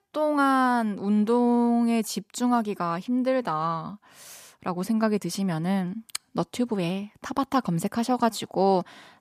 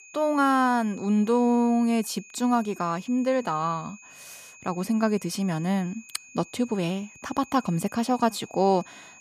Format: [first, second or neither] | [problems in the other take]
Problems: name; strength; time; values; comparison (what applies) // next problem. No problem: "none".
first | high-pitched whine; faint; throughout; 2.5 kHz, 20 dB below the speech